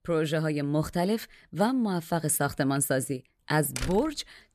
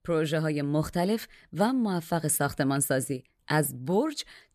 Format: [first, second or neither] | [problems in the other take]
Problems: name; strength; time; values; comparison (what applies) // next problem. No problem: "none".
second | door banging; noticeable; at 4 s; peak 8 dB below the speech